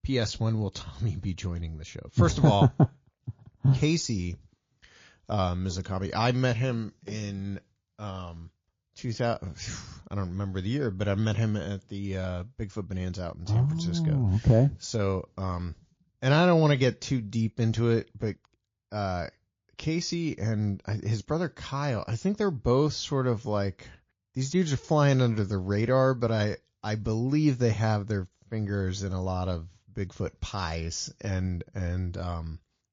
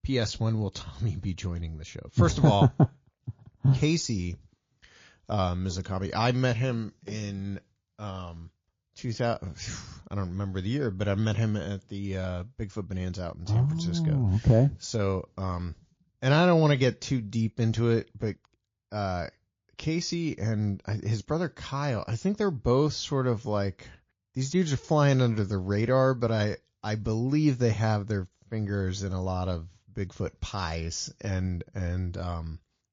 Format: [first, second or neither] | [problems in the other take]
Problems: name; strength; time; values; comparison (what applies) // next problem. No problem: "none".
neither | garbled, watery; slightly; nothing above 6 kHz; the same in both